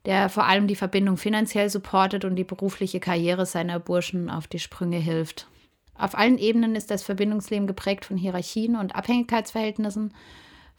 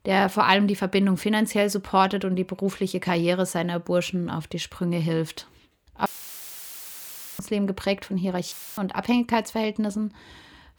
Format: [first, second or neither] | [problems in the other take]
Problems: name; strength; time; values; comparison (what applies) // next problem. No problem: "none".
first | audio cutting out; filled with static; at 6 s for 1.5 s and at 8.5 s